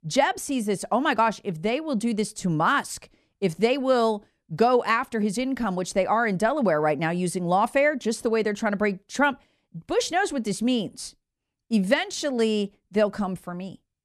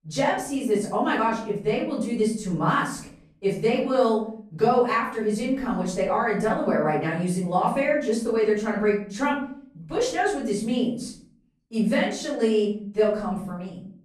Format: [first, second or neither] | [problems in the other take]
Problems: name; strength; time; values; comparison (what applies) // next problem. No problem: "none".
first | off-mic speech; far // room echo; noticeable; dies away in 0.6 s